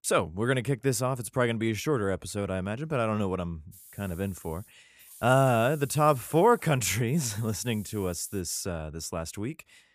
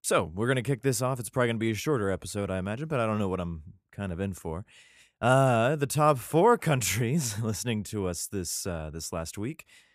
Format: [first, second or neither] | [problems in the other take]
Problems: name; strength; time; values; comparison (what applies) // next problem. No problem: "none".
second | hiss; faint; from 3.5 to 8.5 s; 20 dB below the speech